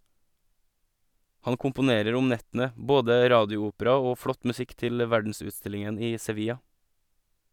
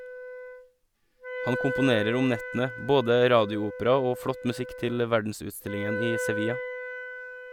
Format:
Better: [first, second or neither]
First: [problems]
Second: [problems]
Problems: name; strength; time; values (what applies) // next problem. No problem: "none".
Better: first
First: none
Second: background sound (Wind instrument, woodwind instrument); 8 dB below the speech